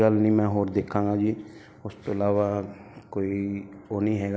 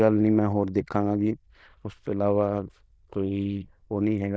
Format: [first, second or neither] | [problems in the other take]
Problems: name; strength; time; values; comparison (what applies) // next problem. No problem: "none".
first | noise reduction (neural diffusion model UNIVERSE++)